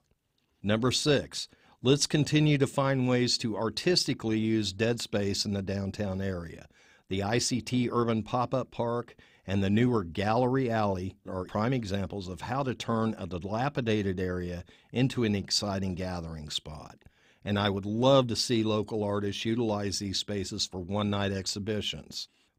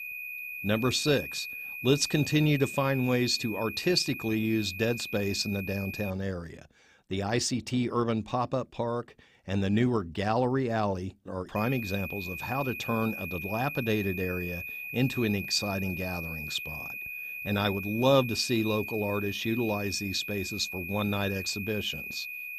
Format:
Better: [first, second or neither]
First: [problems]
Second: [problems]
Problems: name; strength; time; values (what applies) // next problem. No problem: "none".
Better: first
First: none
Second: high-pitched whine; loud; until 6 s and from 12 s on; 2.5 kHz, 7 dB below the speech